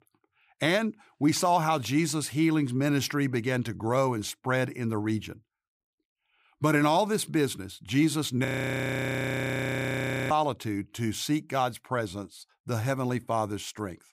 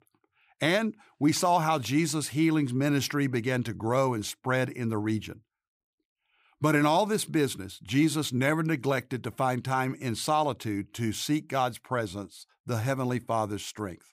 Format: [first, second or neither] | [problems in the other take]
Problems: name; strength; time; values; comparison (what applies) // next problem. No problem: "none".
second | audio freezing; at 8.5 s for 2 s